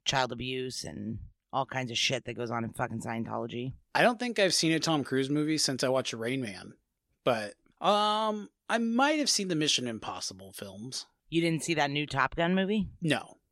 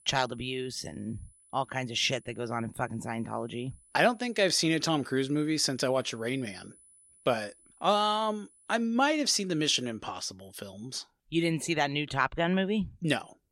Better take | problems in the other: first | high-pitched whine; faint; until 9 s; 10 kHz, 30 dB below the speech

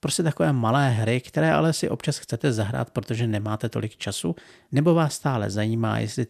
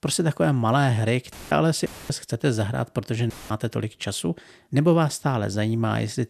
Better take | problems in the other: first | audio cutting out; filled with static; at 1.5 s, at 2 s and at 3.5 s

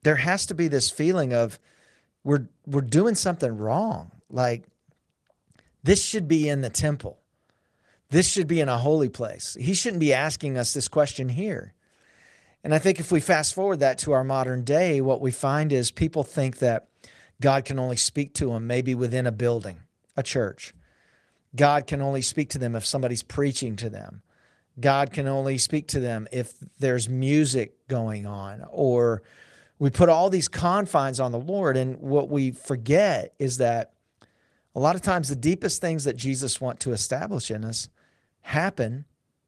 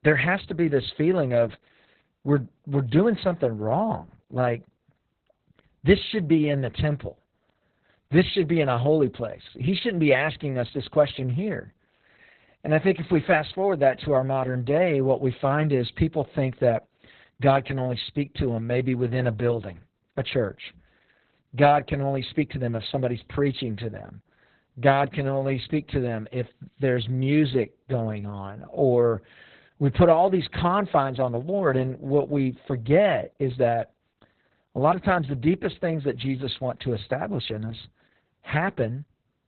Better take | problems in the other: first | garbled, watery; badly; nothing above 4 kHz; slightly in the first

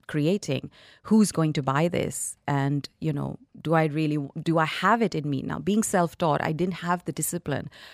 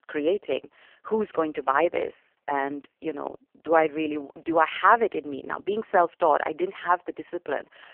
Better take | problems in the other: first | phone-call audio; poor line

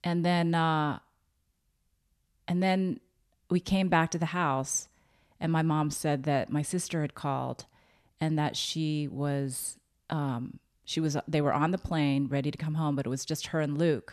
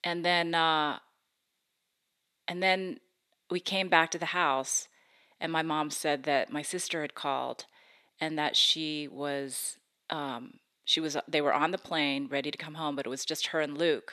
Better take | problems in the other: first | thin; somewhat; fading below 400 Hz

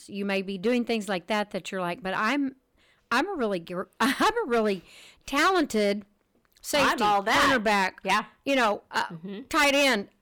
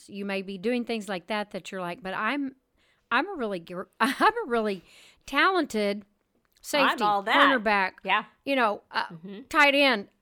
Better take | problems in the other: second | distortion; heavy; 7% of the sound clipped

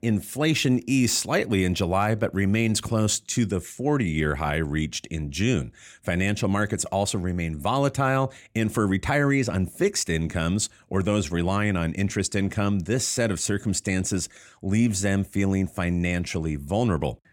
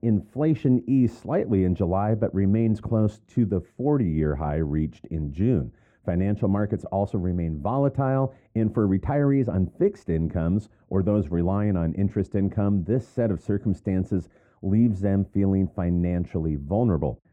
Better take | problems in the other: first | muffled; very; fading above 2 kHz

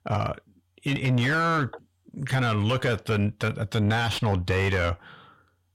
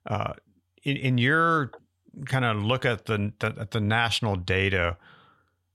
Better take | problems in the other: second | distortion; heavy; 7 dB below the speech

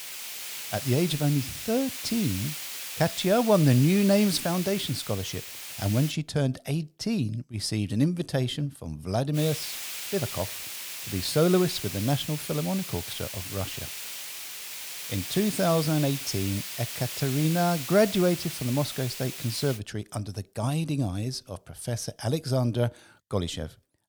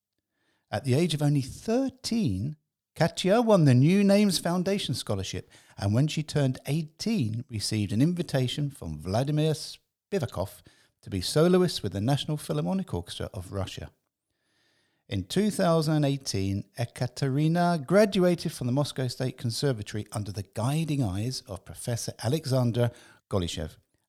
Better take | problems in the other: second | hiss; loud; until 6 s and from 9.5 to 20 s; 6 dB below the speech

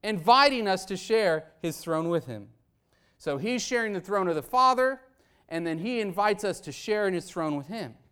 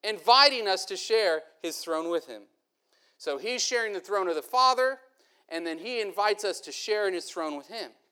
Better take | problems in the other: first | thin; somewhat; fading below 350 Hz

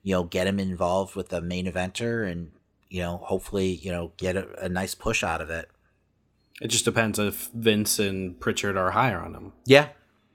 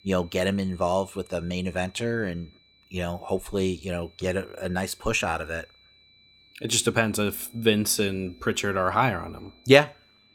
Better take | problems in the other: first | high-pitched whine; faint; throughout; 4 kHz, 30 dB below the speech

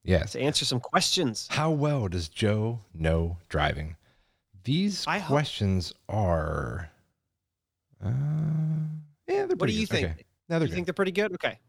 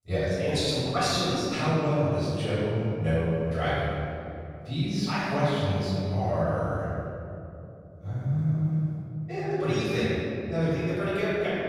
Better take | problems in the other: first | room echo; strong; dies away in 2.6 s // off-mic speech; far

